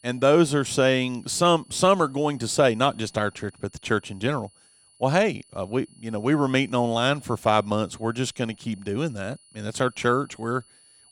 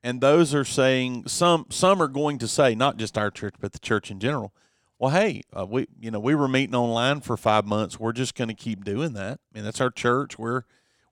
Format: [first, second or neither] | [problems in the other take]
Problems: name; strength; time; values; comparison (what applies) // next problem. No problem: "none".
second | high-pitched whine; faint; throughout; 9.5 kHz, 30 dB below the speech